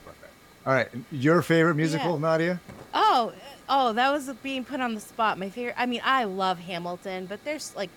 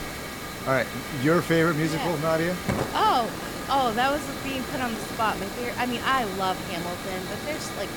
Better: first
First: hiss; faint; throughout; 25 dB below the speech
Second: hiss; loud; throughout; 6 dB below the speech

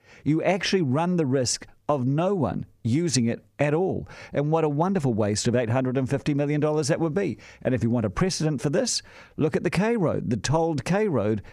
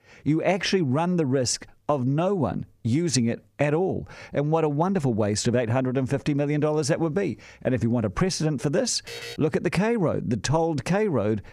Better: first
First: none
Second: alarm; faint; at 9 s; peak 10 dB below the speech

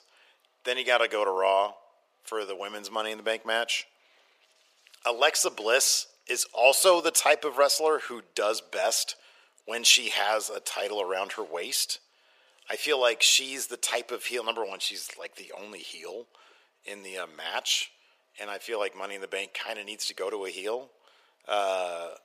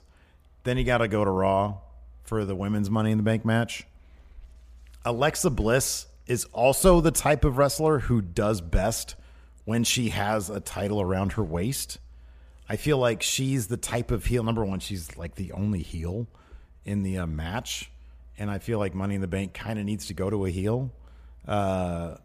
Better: second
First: thin; very; fading below 450 Hz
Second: none

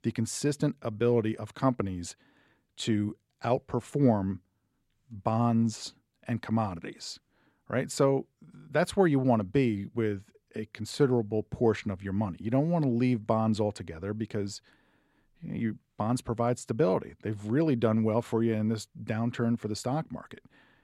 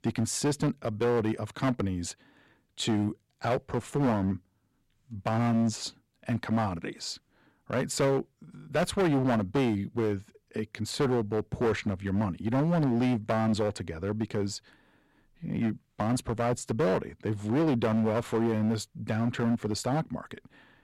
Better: first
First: none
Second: distortion; heavy; 10% of the sound clipped

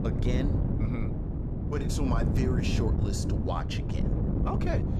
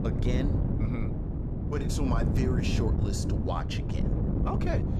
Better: neither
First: wind noise on the microphone; heavy; 1 dB below the speech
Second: wind noise on the microphone; heavy; 1 dB below the speech

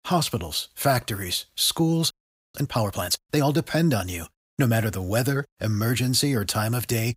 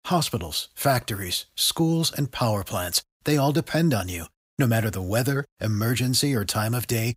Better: second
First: audio freezing; at 2 s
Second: none

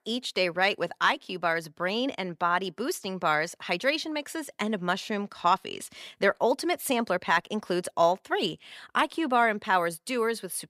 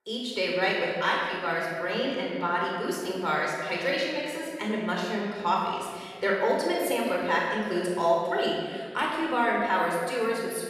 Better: first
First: none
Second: off-mic speech; far // room echo; noticeable; dies away in 1.8 s

